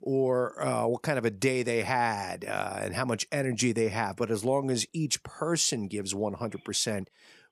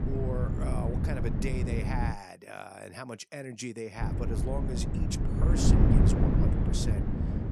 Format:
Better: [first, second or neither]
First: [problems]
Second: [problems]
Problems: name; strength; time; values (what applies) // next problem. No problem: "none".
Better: first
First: none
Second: wind noise on the microphone; heavy; until 2 s and from 4 s on; 1 dB above the speech